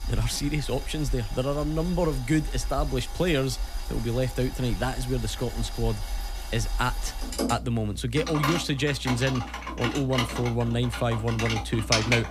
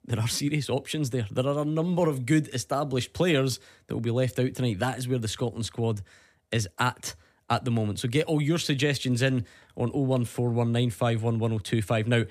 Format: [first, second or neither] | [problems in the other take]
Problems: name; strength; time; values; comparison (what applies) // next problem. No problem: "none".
second | household noises; loud; throughout; 5 dB below the speech